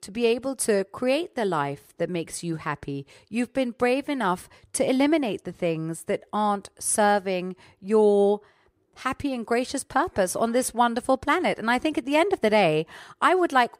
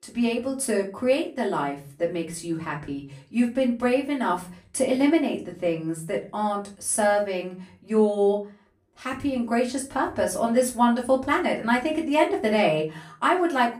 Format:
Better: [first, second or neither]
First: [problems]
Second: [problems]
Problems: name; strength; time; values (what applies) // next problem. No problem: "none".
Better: first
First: none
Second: off-mic speech; far // room echo; very slight; dies away in 0.3 s